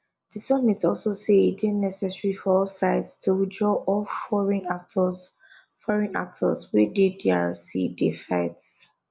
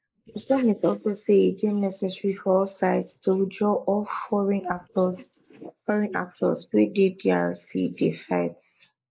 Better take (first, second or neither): first